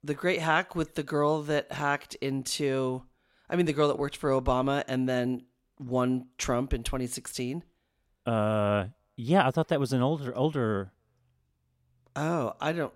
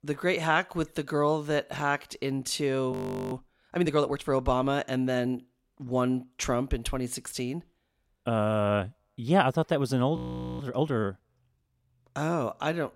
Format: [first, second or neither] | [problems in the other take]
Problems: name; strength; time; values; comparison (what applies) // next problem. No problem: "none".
first | audio freezing; at 3 s and at 10 s